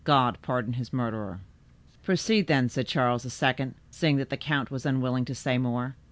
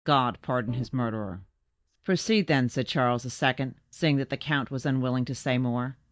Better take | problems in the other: first | noise reduction (neural mask model DeepFilterNet 3)

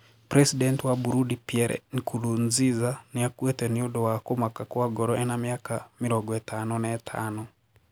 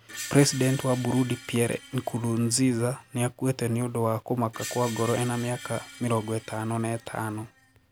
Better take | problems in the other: first | background sound (Screech); 17 dB below the speech

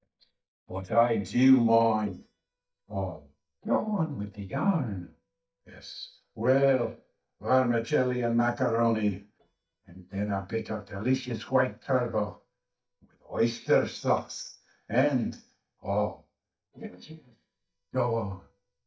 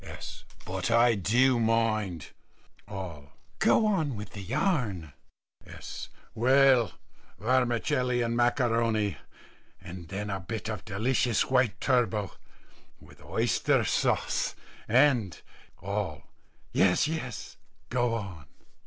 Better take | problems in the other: second | noise reduction (neural mask model DeepFilterNet 3)

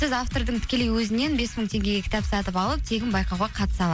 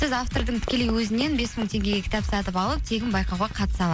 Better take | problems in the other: first | background sound (Fireworks); 16 dB below the speech

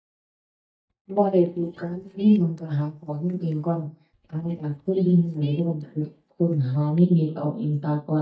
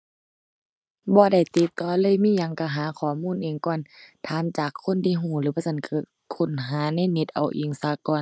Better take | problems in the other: second | noise reduction (neural mask model DeepFilterNet 3)

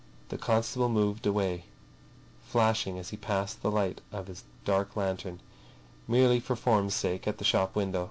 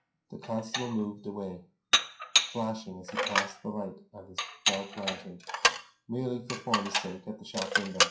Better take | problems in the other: first | noise reduction (classical method WPE with log-MMSE)

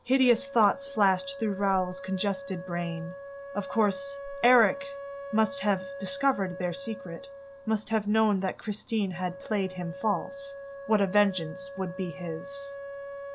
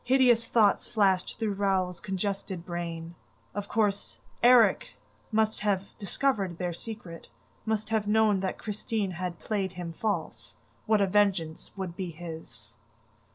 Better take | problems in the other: second | background sound (Wind instrument, woodwind instrument); 12 dB below the speech

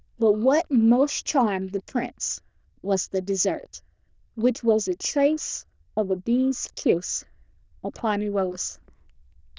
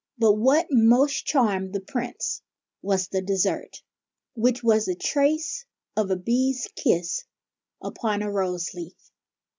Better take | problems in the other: second | noise reduction (neural diffusion model UNIVERSE++)

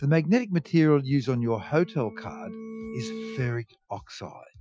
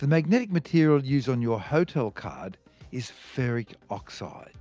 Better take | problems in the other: second | noise reduction (classical method Wiener filter)

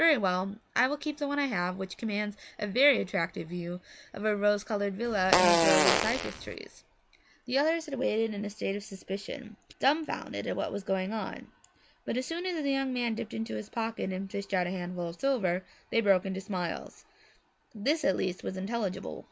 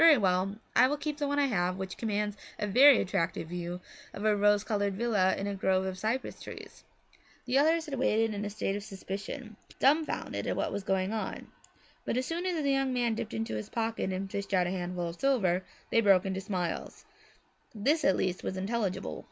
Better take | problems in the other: second | background sound (Fart); 5 dB above the speech

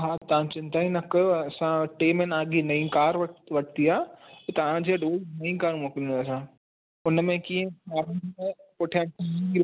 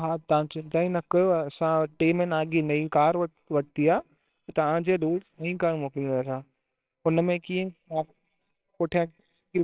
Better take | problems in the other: first | noise reduction (neural separator model SepFormer WHAMR!)

